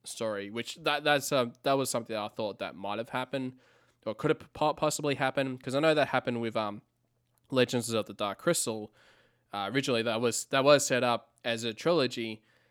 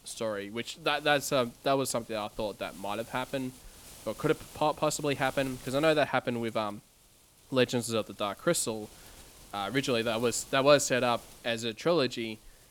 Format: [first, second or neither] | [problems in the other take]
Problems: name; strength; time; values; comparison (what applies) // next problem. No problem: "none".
first | wind noise on the microphone; occasional gusts; 25 dB below the speech